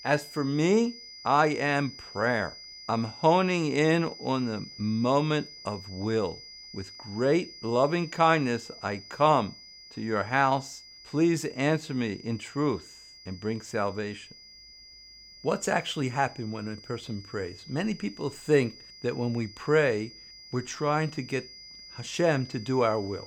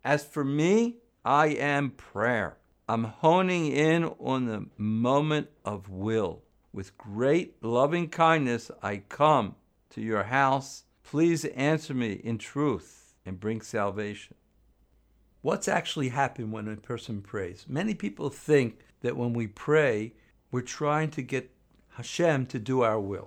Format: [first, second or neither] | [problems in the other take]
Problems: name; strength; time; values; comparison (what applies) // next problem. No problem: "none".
second | high-pitched whine; noticeable; throughout; 5 kHz, 15 dB below the speech